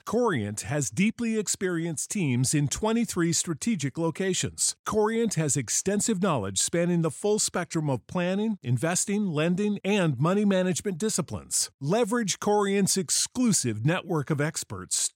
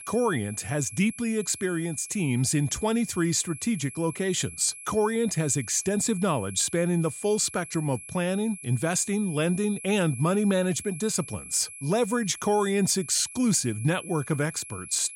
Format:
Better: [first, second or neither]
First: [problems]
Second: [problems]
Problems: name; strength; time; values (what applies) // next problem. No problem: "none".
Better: first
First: none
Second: high-pitched whine; noticeable; throughout; 11 kHz, 15 dB below the speech